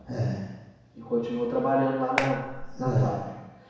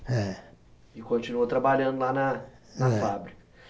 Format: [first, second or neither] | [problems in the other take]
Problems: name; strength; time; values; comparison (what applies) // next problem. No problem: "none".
second | background sound (Clapping); 7 dB below the speech // room echo; dies away in 1.1 s